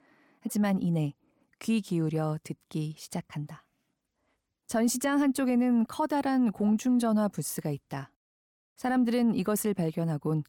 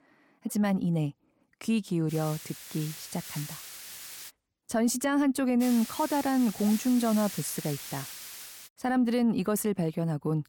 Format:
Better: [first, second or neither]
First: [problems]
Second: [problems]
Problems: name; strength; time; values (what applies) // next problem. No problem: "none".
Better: first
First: none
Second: hiss; noticeable; from 2 to 4.5 s and from 5.5 to 8.5 s; 10 dB below the speech